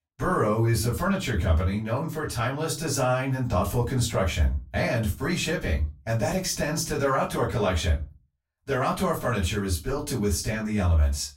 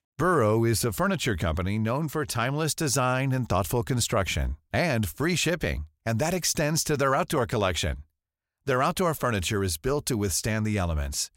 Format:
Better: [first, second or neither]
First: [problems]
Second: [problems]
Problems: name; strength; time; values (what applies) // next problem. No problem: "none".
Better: second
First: off-mic speech; far // room echo; very slight; dies away in 0.2 s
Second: none